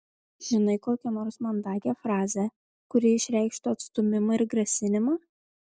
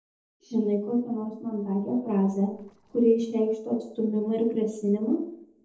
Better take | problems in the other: first | noise reduction (neural separator model SepFormer DNS4)

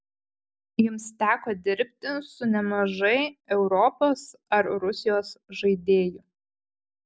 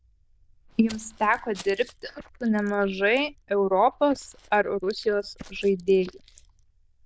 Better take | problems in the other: first | noise reduction (neural diffusion model UNIVERSE++)

